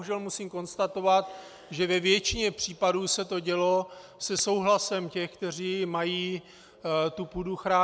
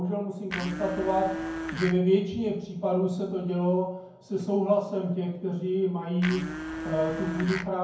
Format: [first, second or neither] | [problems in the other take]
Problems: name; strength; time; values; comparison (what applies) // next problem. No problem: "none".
first | background sound (Domestic sounds, home sounds); 7 dB below the speech // room echo; dies away in 0.9 s